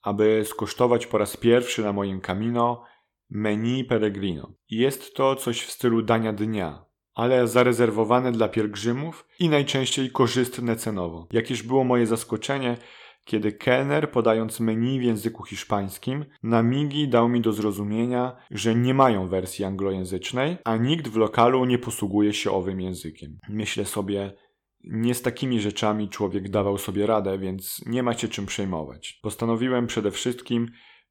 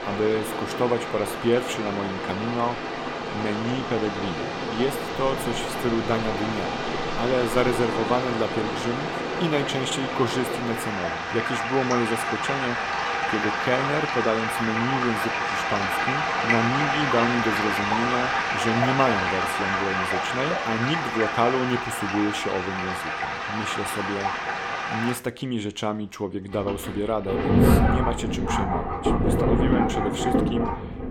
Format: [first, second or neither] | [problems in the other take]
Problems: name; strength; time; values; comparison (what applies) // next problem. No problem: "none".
first | rain or running water; very loud; throughout; 2 dB above the speech